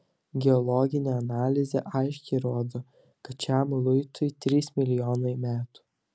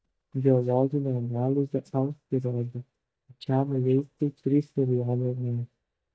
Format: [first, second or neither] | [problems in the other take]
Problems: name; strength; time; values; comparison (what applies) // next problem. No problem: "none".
first | noise reduction (neural mask model DeepFilterNet 3)